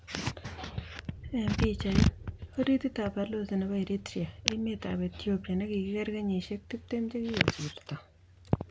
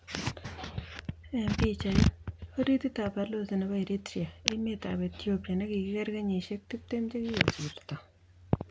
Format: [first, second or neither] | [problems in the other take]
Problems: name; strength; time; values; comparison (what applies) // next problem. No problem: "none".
second | background sound (Engine / Car); 19 dB below the speech